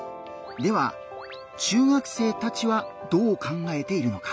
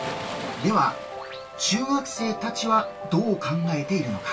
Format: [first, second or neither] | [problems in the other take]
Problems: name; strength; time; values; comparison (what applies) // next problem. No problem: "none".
first | background sound (Waves, surf); 15 dB below the speech // room echo; dies away in 0.2 s